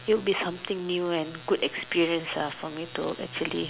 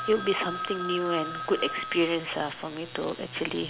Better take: first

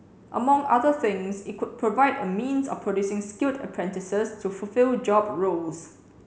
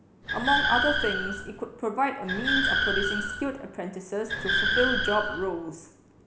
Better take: first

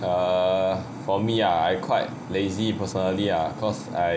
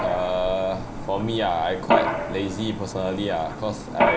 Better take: first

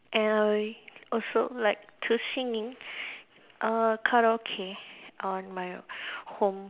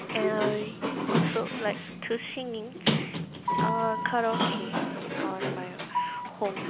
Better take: first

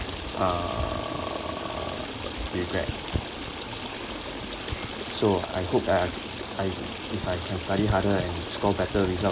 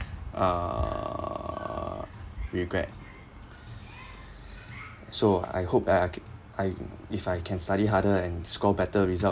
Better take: second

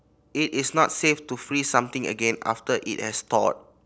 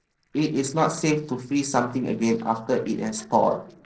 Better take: first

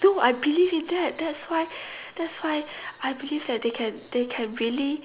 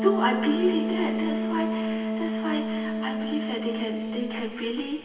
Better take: first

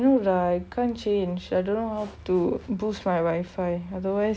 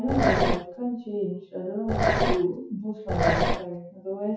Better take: first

